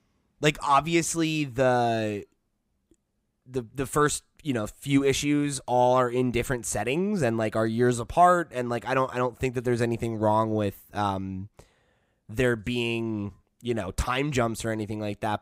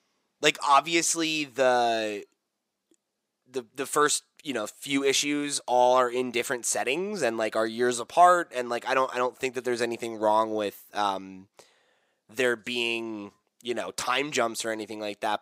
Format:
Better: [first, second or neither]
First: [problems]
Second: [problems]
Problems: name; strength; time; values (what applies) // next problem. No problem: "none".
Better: first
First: none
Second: thin; somewhat; fading below 350 Hz